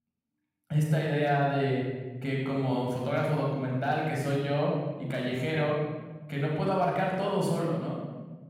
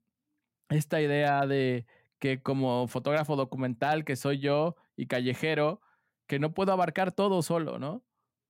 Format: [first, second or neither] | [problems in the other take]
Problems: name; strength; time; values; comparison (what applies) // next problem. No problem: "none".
second | off-mic speech; far // room echo; strong; dies away in 1.2 s